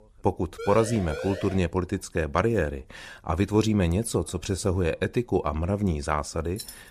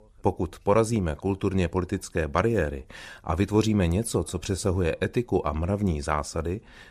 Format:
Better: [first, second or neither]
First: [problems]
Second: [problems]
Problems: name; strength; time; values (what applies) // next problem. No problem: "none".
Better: second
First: siren; noticeable; from 0.5 to 1.5 s; peak 8 dB below the speech // jangling keys; very faint; at 6.5 s; peak 15 dB below the speech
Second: none